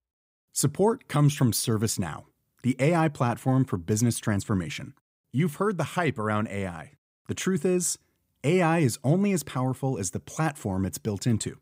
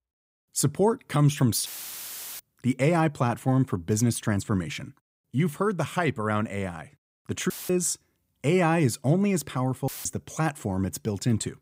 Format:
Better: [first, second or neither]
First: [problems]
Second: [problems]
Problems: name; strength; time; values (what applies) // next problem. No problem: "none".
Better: first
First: none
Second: audio cutting out; filled with static; at 1.5 s for 0.5 s, at 7.5 s and at 10 s